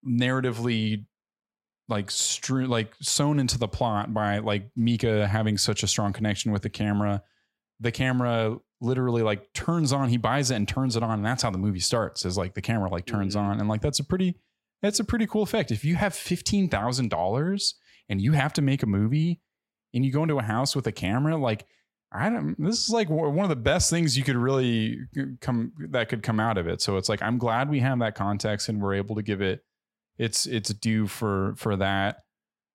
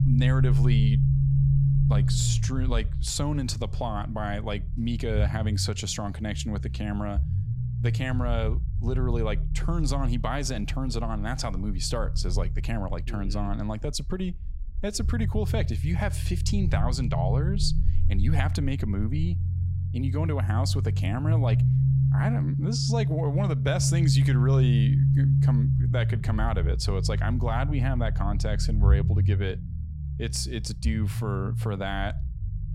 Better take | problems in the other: first | low rumble; loud; throughout; 5 dB below the speech

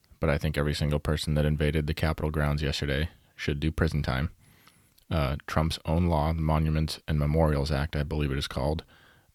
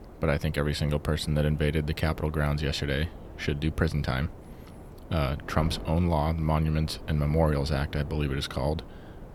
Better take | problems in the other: first | wind noise on the microphone; occasional gusts; 15 dB below the speech

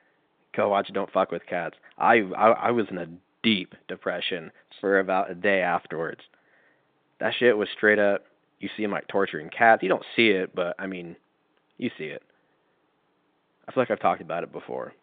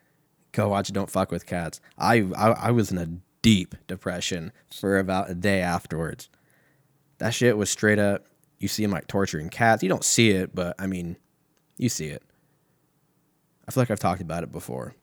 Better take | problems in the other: second | phone-call audio; nothing above 3.5 kHz

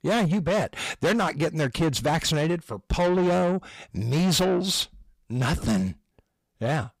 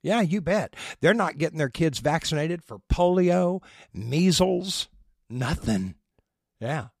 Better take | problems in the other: second | distortion; heavy; 7 dB below the speech

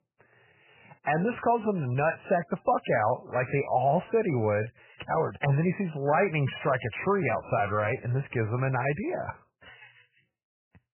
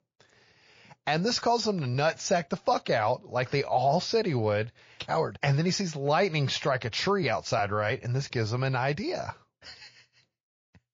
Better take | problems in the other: second | garbled, watery; badly; nothing above 3 kHz; slightly in the second

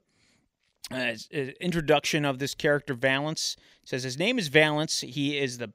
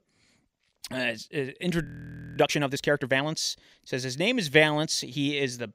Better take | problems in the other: first | audio freezing; at 2 s for 0.5 s

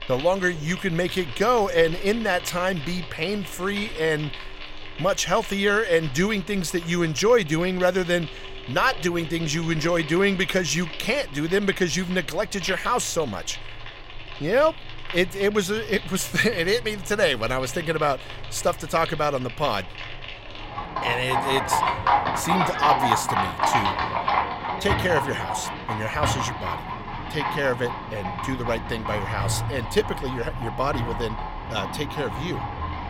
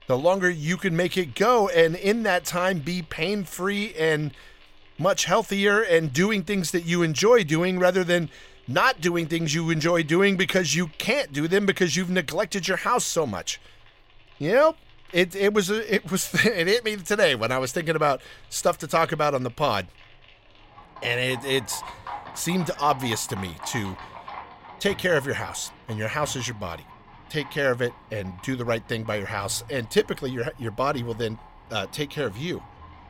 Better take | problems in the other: second | animal sounds; loud; throughout; 5 dB below the speech; faint in the second

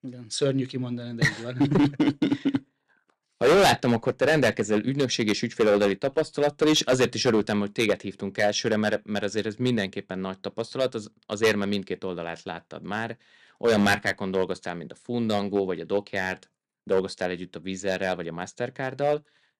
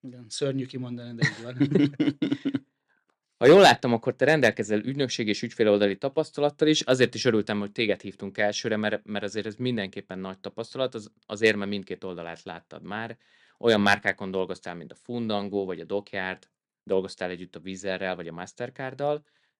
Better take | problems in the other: second | distortion; heavy; 4% of the sound clipped

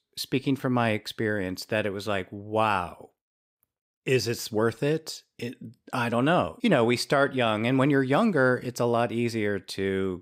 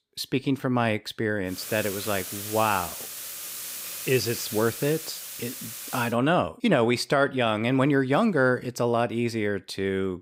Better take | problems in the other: first | hiss; loud; from 1.5 to 6 s; 8 dB below the speech

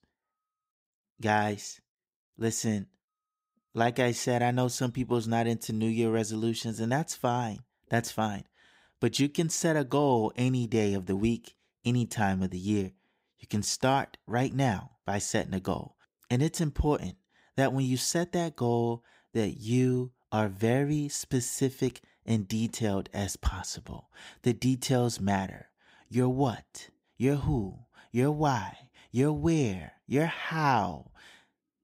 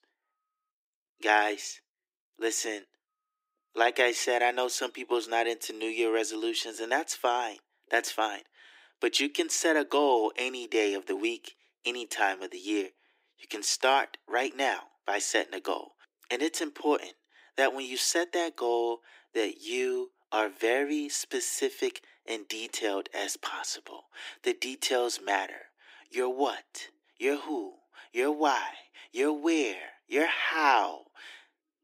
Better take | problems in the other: first | thin; very; fading below 300 Hz

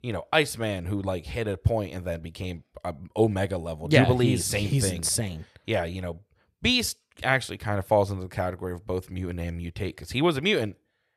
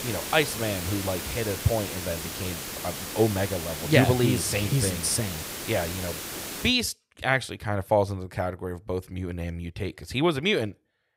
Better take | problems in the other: first | hiss; loud; until 6.5 s; 6 dB below the speech

